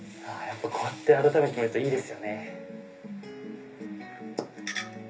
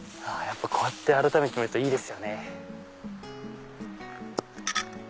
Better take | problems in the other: second | room echo; dies away in 0.3 s

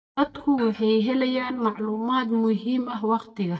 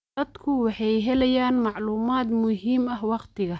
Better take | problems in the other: second | noise reduction (neural mask model DeepFilterNet 3)

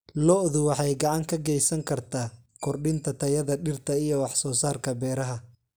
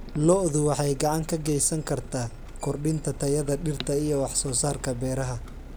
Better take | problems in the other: first | background sound (Clock + Motor vehicle (road)); 12 dB below the speech

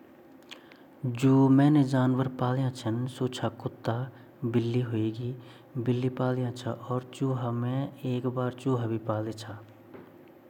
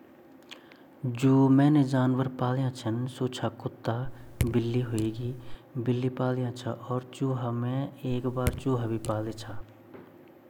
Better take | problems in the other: first | background sound (Raindrop / Drip); 8 dB below the speech

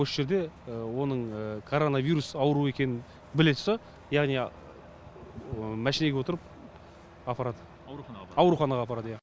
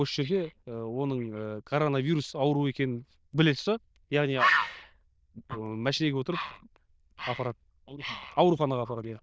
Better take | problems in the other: first | noise reduction (neural diffusion model UNIVERSE++)

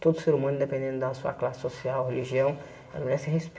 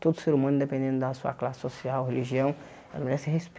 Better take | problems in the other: second | room echo; dies away in 1.4 s

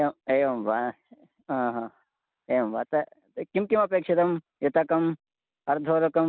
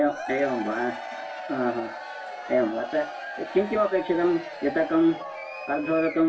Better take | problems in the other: first | background sound (Crowd / Cheering); 10 dB below the speech // room echo; dies away in 0.2 s

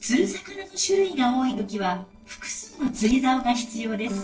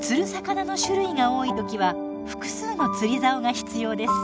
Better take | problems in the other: second | noise reduction (neural separator model SepFormer DNS4)

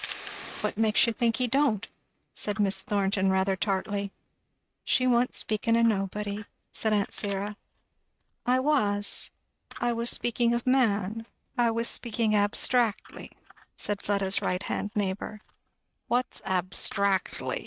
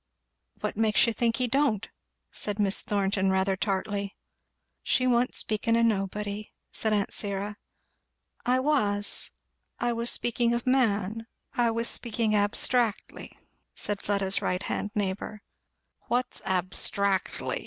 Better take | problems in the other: second | noise reduction (neural mask model RNNoise)

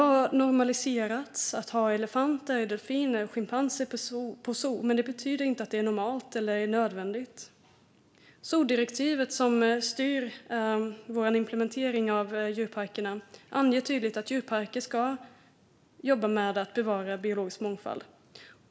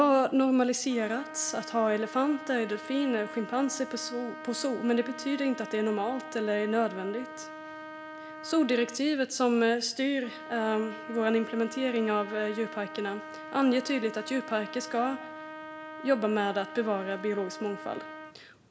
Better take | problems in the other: first | background sound (Trumpet); 13 dB below the speech

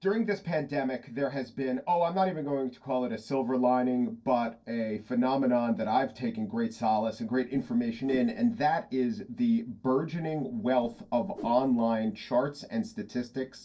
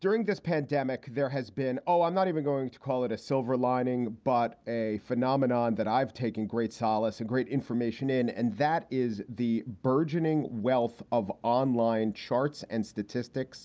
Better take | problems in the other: second | noise reduction (neural separator model SepFormer DNS4)

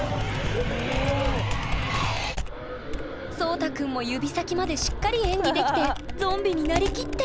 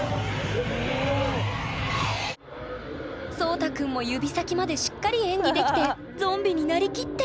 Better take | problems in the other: second | background sound (Computer keyboard); 6 dB below the speech

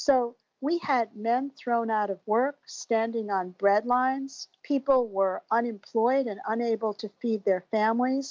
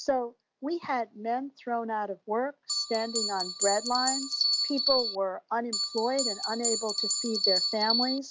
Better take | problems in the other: first | background sound (Bell); 1 dB above the speech

